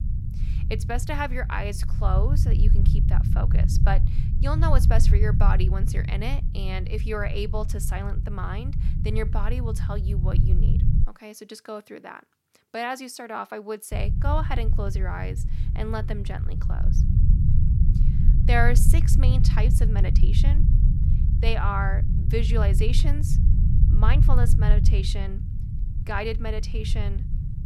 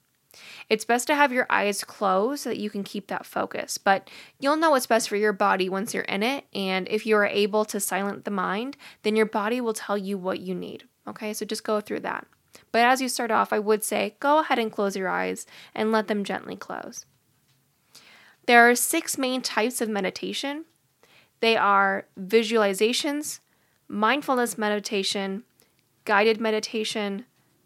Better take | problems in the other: second | low rumble; loud; until 11 s and from 14 s on; 7 dB below the speech

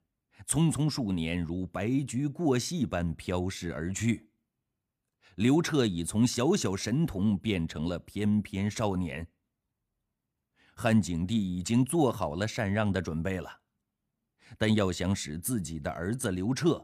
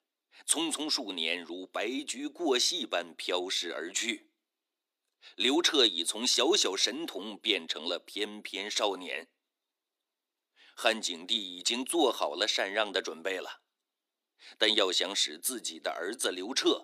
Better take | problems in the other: first | thin; very; fading below 300 Hz

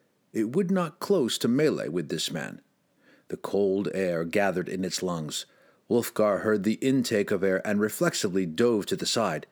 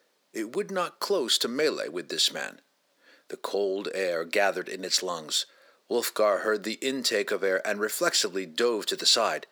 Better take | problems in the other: first | thin; somewhat; fading below 500 Hz

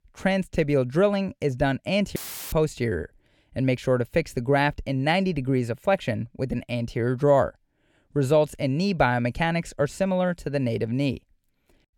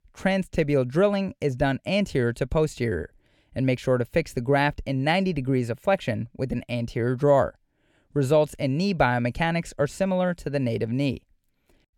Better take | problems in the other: second | audio cutting out; filled with static; at 2 s

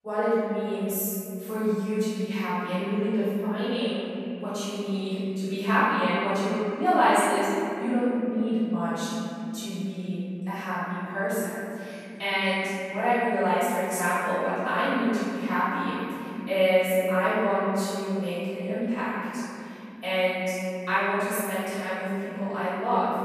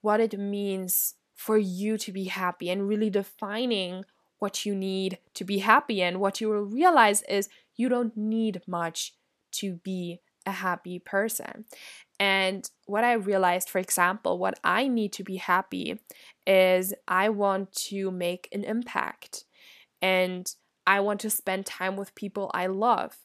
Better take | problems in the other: second | off-mic speech; far // room echo; strong; dies away in 3 s

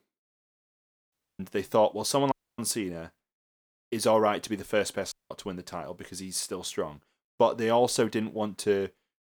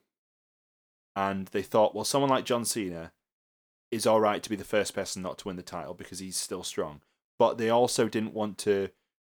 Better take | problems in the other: second | audio cutting out; at 1 s, at 2.5 s and at 5 s

